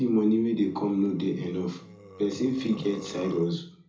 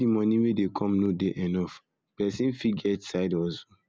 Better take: second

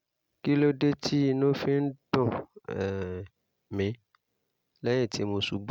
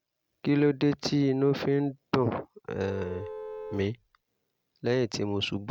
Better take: first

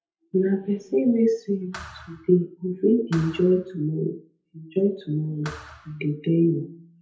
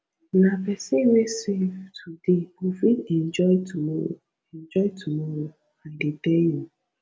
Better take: second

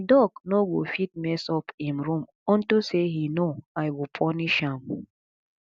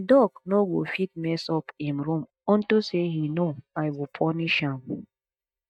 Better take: first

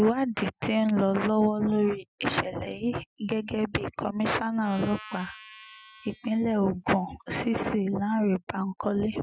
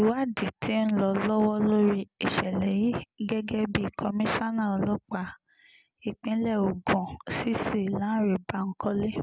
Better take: second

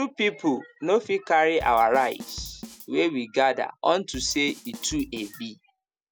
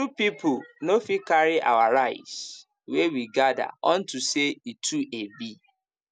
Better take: second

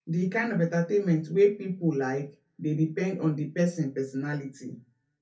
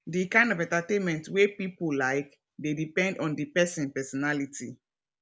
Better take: second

